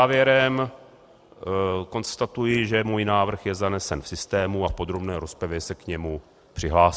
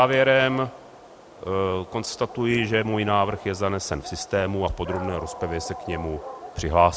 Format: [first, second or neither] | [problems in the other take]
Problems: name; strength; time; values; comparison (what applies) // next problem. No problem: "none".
first | background sound (Dog); 15 dB below the speech